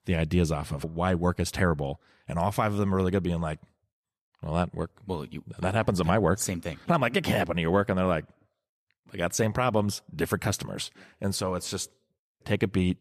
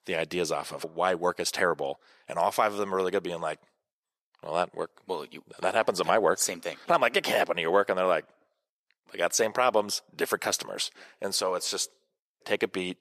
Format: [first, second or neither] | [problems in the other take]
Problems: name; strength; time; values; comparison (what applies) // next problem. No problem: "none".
first | thin; very; fading below 500 Hz